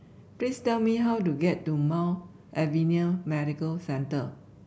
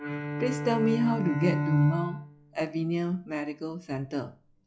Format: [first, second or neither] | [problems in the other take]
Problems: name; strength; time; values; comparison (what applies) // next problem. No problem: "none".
first | noise reduction (classical method log-MMSE)